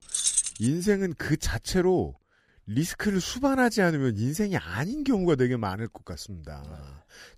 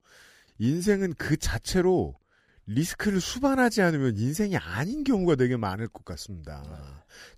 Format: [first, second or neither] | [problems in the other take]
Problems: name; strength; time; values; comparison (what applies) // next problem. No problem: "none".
second | jangling keys; loud; at the start; peak 3 dB above the speech